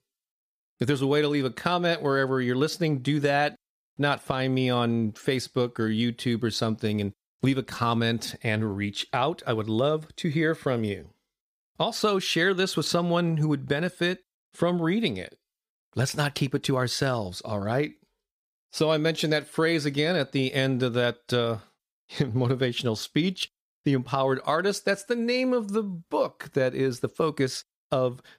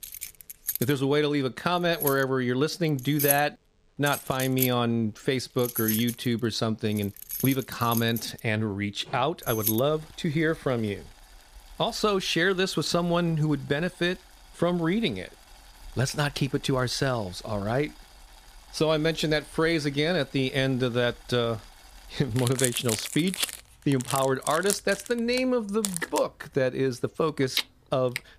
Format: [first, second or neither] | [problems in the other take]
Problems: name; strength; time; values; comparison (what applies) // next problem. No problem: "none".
first | household noises; loud; throughout; 5 dB below the speech